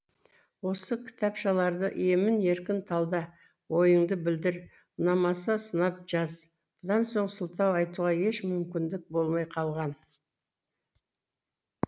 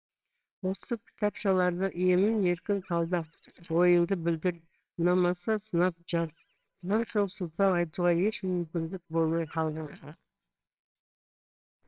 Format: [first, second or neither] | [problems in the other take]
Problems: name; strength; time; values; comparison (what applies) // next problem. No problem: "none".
first | noise reduction (neural separator model SepFormer WHAMR!)